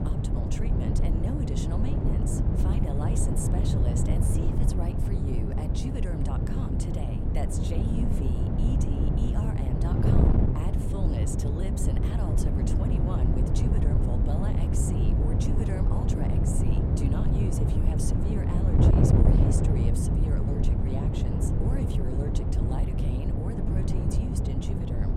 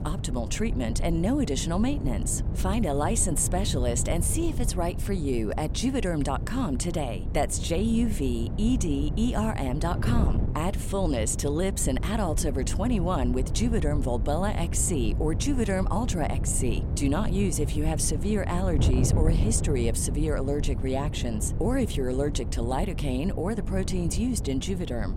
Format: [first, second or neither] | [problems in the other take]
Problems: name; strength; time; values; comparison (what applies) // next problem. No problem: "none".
second | wind noise on the microphone; heavy; 5 dB above the speech; occasional gusts in the second